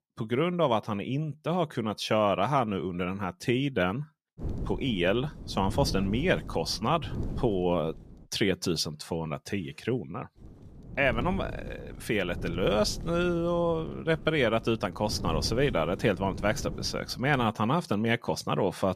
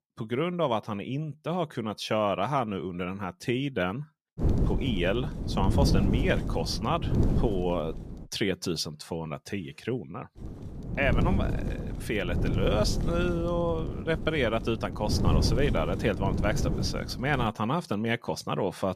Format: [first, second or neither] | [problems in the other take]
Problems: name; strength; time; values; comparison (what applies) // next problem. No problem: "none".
first | wind noise on the microphone; heavy; from 4.5 to 8.5 s and from 10 to 17 s; 8 dB below the speech; occasional gusts in the first